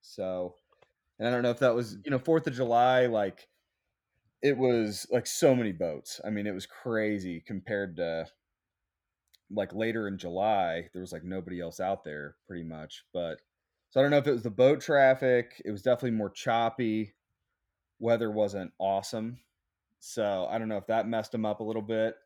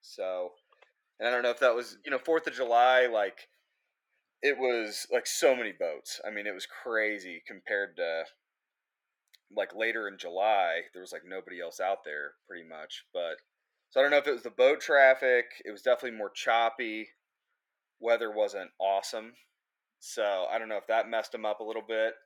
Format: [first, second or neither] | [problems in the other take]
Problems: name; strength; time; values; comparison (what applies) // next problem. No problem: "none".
first | thin; very; fading below 400 Hz